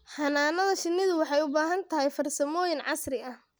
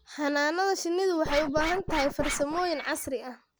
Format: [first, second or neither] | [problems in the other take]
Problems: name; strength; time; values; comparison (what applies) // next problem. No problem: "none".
first | background sound (Scratching (performance technique)); 6 dB below the speech